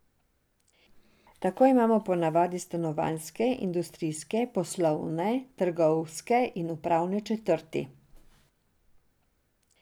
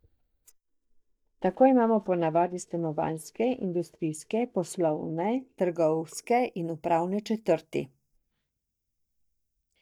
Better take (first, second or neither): first